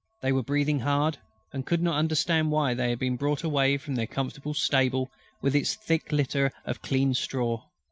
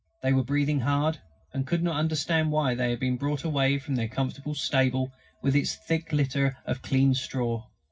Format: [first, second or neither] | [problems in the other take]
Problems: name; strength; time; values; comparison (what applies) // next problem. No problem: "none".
first | room echo; dies away in 0.4 s